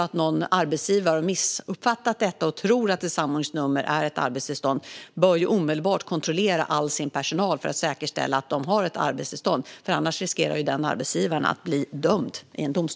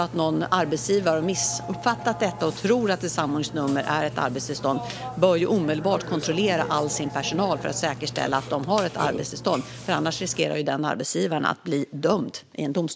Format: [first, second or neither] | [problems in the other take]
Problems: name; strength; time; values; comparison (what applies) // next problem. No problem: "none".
first | background sound (Burping, eructation); 12 dB below the speech